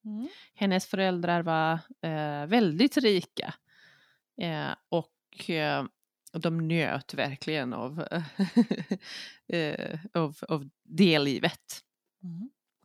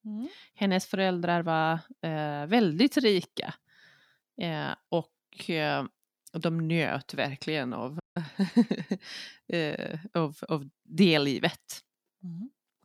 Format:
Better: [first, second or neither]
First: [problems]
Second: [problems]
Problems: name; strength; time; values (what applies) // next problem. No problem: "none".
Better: first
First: none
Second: audio cutting out; at 8 s